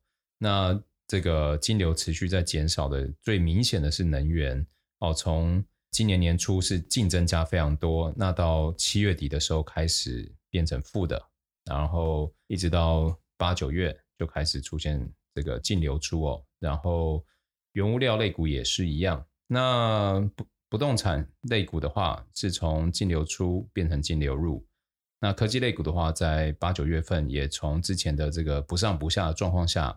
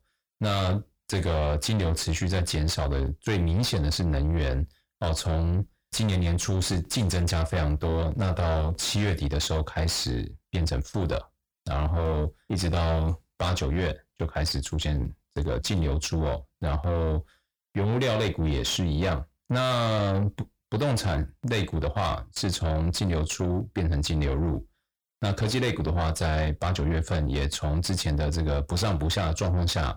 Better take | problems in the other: first | distortion; heavy; 8 dB below the speech

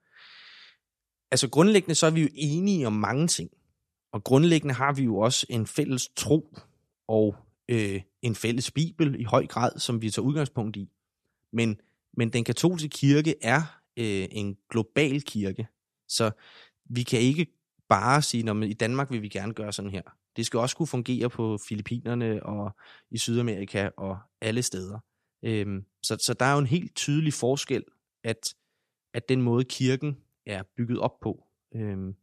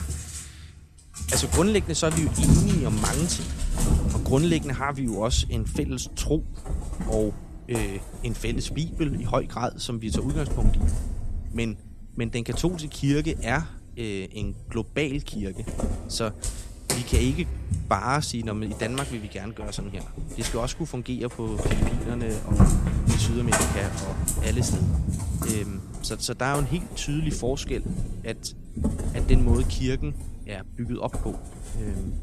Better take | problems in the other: first | animal sounds; very loud; throughout; as loud as the speech

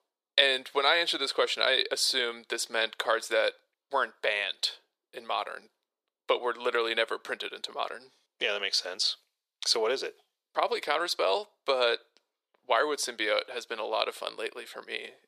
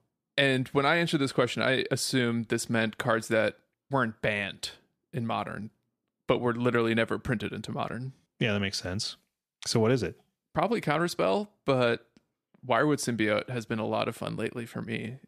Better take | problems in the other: second | thin; very; fading below 450 Hz

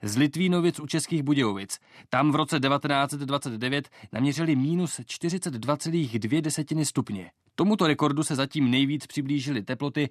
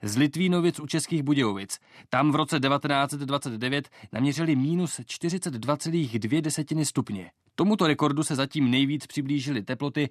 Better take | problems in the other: neither | none

